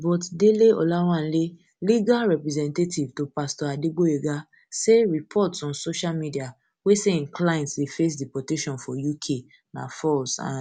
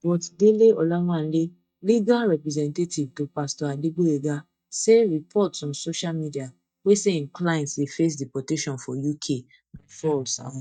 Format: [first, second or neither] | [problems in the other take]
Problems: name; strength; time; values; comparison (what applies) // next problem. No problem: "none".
first | noise reduction (neural mask model DeepFilterNet 3)